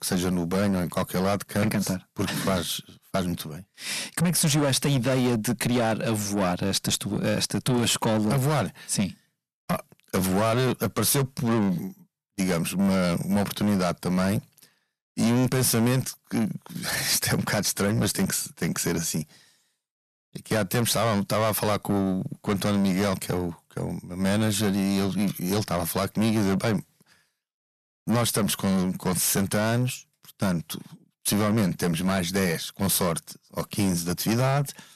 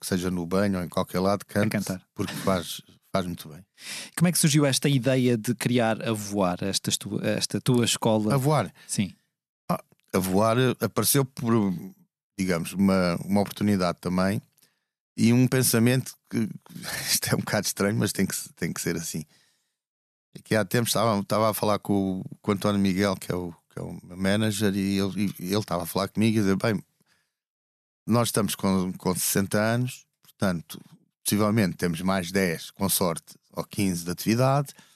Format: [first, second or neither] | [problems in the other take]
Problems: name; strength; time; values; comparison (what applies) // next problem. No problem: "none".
second | distortion; heavy; 8 dB below the speech